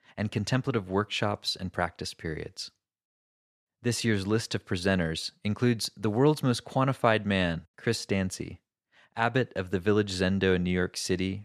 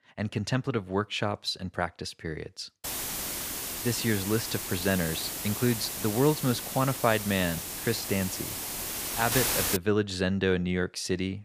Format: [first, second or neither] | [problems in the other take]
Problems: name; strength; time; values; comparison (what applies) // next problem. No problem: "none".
first | hiss; loud; from 3 to 10 s; 2 dB below the speech